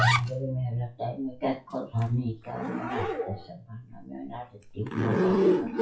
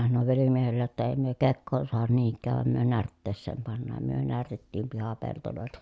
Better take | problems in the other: second | noise reduction (classical method WPE with log-MMSE)

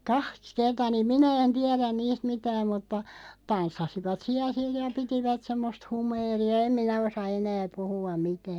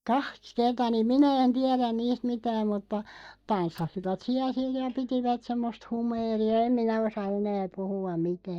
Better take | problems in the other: first | noise reduction (neural mask model DeepFilterNet 3)

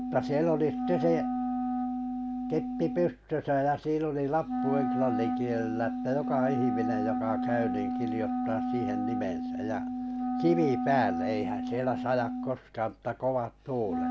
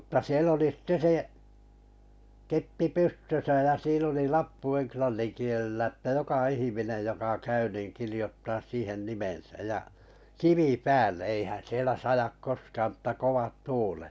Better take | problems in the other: second | background sound (Wind instrument, woodwind instrument); 1 dB below the speech

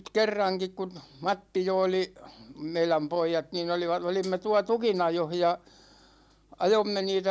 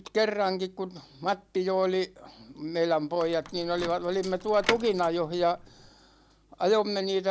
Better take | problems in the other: first | background sound (Door / Car); 10 dB below the speech

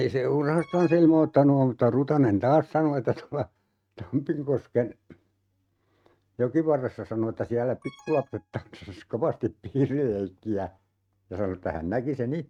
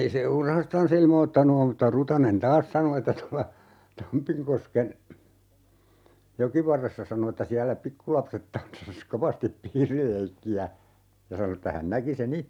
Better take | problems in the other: second | noise reduction (neural mask model RNNoise)

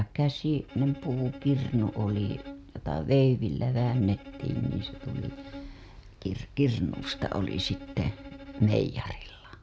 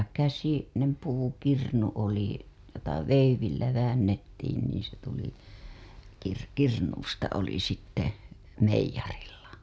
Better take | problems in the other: second | background sound (Bowed string instrument); 17 dB below the speech

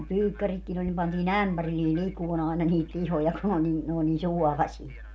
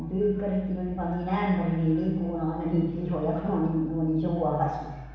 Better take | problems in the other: first | room echo; dies away in 1.1 s

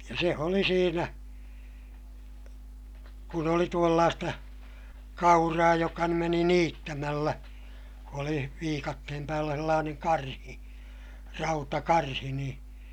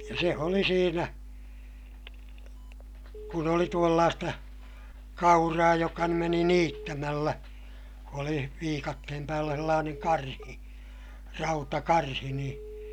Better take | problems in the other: first | background sound (Telephone); 19 dB below the speech

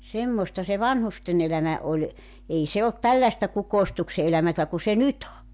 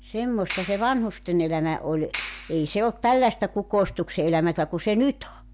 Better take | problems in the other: first | background sound (Clapping); 15 dB below the speech

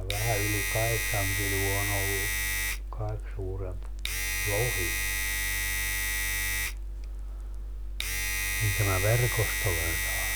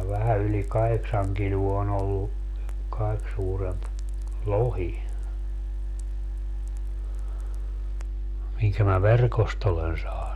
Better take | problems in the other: second | background sound (Domestic sounds, home sounds); as loud as the speech

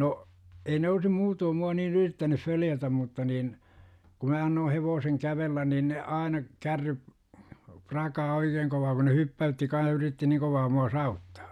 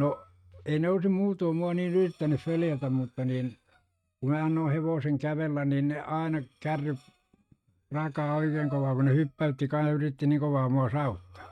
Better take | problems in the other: first | noise reduction (neural mask model RNNoise)

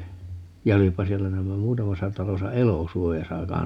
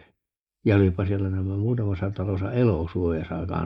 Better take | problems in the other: first | noise reduction (neural mask model Resemble Enhance denoiser)

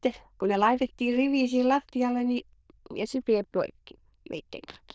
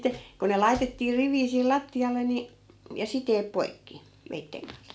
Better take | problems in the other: second | noise reduction (neural diffusion model UNIVERSE++)

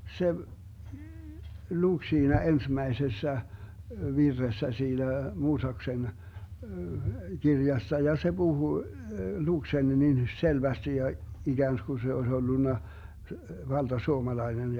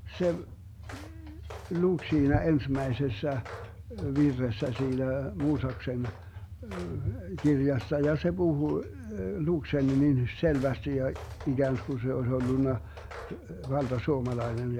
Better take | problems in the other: first | background sound (Walk, footsteps); 20 dB below the speech

